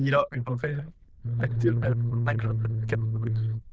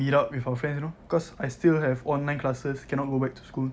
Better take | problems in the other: second | noise reduction (neural diffusion model UNIVERSE++)

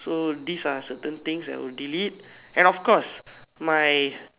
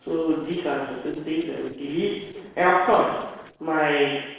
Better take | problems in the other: first | noise reduction (neural separator model SepFormer DNS4)

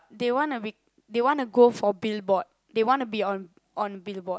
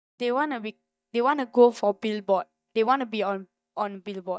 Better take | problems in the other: first | noise reduction (neural mask model DeepFilterNet 3)

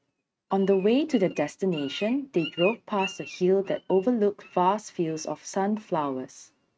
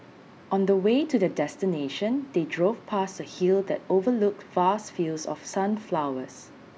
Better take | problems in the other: second | noise reduction (neural mask model RNNoise)

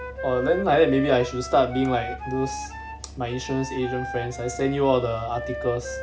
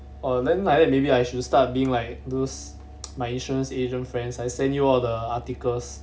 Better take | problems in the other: second | background sound (Wind instrument, woodwind instrument); 10 dB below the speech

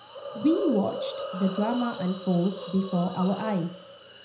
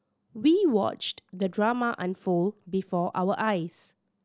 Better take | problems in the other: second | background sound (Hiss); 9 dB below the speech // room echo; dies away in 0.5 s

